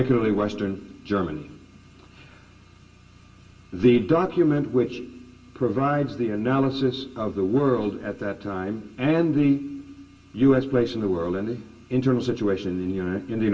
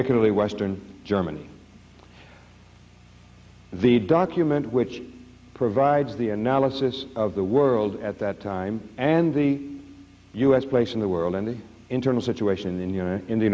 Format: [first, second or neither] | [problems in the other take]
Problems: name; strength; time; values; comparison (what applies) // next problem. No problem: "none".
second | room echo; dies away in 0.1 s